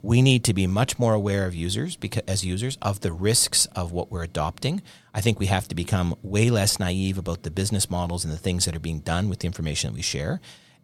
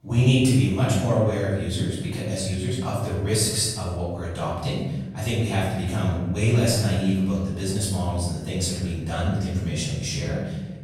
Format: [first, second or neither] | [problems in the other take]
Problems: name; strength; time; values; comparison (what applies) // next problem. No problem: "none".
first | off-mic speech; far // room echo; strong; dies away in 1.3 s